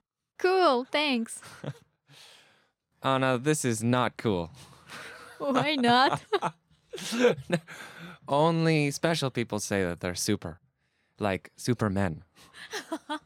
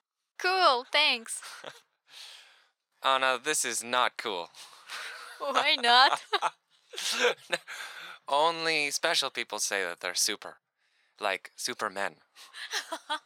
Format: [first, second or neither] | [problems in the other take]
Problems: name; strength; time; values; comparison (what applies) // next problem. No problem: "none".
first | thin; very; fading below 800 Hz